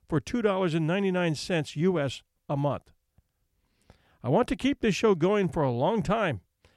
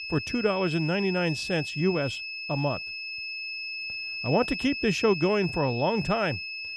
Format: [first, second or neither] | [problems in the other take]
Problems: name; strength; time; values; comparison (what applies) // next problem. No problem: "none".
first | high-pitched whine; loud; throughout; 2.5 kHz, 6 dB below the speech